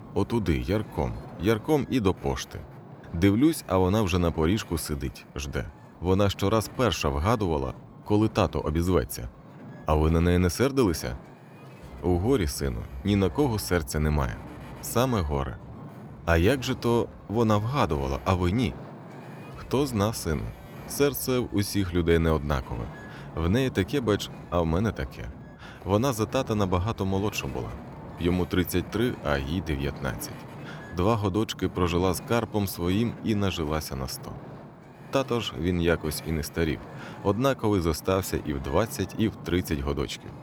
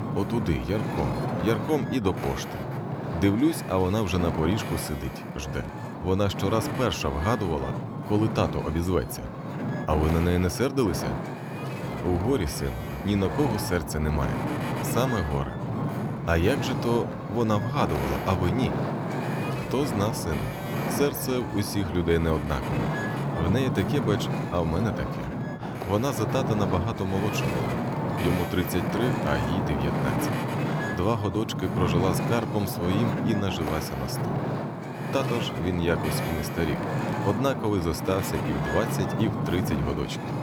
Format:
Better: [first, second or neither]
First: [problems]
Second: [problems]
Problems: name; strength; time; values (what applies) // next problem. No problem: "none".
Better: first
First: wind noise on the microphone; occasional gusts; 15 dB below the speech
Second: wind noise on the microphone; heavy; 3 dB below the speech